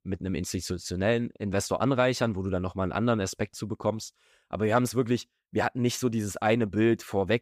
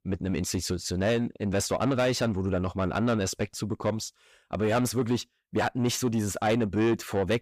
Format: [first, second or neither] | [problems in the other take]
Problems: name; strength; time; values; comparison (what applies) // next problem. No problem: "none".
first | distortion; slight; 10 dB below the speech